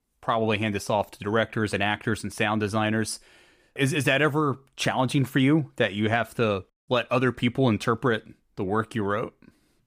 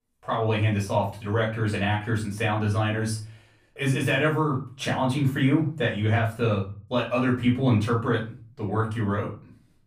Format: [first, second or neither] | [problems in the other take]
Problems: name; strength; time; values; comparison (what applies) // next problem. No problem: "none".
first | off-mic speech; far // room echo; slight; dies away in 0.4 s